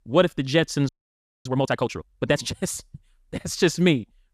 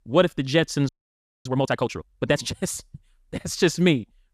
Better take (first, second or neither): neither